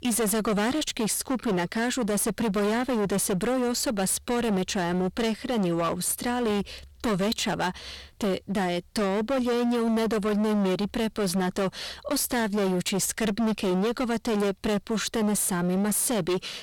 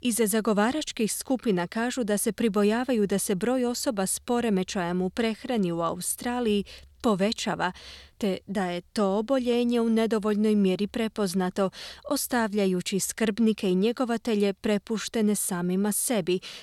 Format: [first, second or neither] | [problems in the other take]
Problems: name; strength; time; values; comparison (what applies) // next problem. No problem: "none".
second | distortion; heavy; 27% of the sound clipped